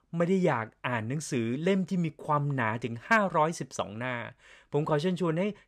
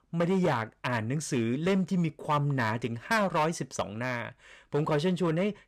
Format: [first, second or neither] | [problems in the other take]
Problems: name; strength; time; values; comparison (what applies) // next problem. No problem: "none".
first | distortion; slight; 6% of the sound clipped